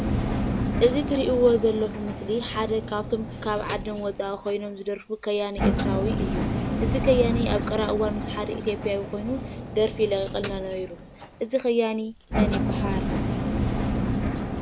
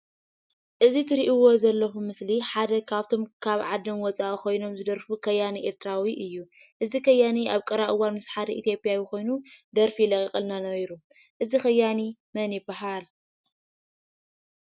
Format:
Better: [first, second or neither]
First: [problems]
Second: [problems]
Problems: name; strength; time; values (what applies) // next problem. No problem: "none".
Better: second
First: background sound (Engine); 1 dB below the speech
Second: none